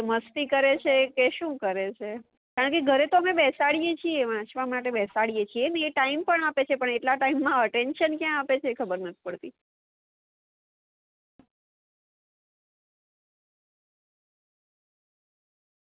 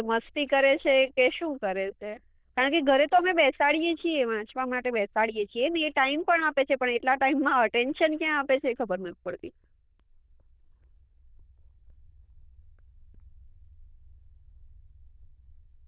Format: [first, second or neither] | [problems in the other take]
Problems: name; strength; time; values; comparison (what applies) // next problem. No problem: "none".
first | noise reduction (neural diffusion model UNIVERSE++)